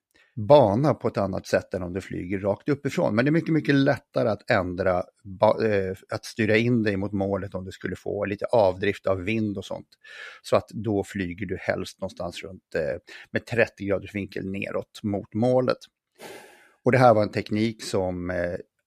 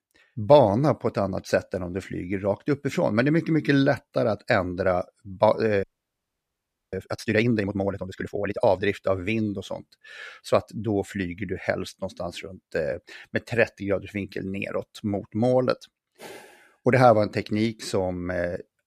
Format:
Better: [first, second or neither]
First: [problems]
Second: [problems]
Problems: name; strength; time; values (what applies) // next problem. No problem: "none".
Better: first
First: none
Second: audio freezing; at 6 s for 1 s